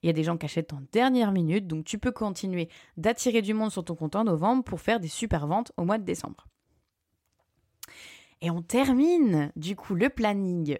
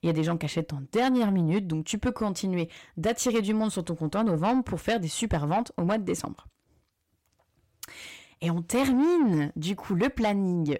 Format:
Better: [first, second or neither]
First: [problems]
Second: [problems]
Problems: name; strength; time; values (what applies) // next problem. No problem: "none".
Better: first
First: none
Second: distortion; slight; 10 dB below the speech